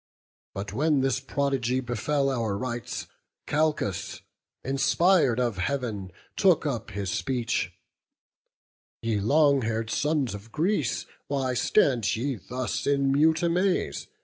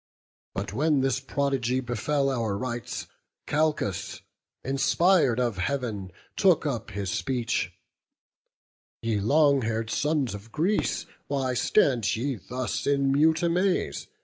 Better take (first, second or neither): first